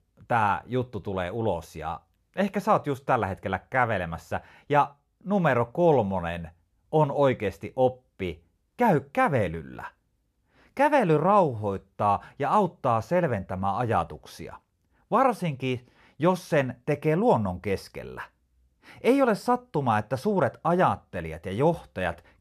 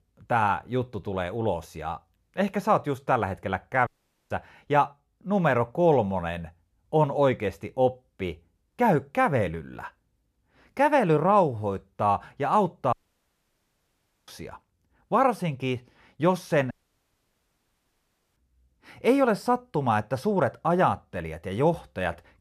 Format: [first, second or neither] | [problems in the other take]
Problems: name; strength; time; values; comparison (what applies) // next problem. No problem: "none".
first | audio cutting out; at 4 s, at 13 s for 1.5 s and at 17 s for 1.5 s